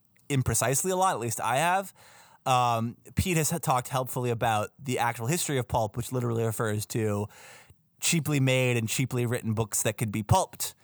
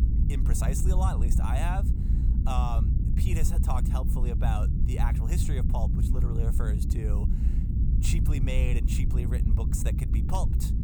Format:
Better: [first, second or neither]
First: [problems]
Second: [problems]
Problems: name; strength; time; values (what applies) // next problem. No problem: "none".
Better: first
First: none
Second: low rumble; loud; throughout; 4 dB below the speech